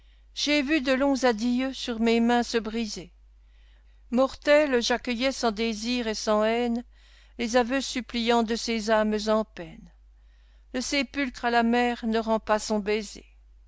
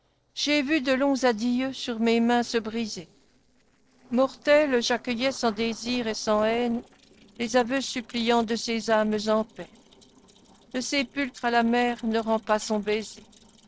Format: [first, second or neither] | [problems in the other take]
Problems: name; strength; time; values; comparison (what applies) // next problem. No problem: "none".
first | noise reduction (neural separator model SepFormer DNS4)